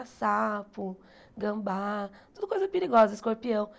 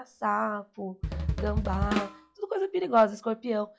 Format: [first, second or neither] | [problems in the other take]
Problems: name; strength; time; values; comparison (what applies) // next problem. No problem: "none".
first | noise reduction (classical method log-MMSE)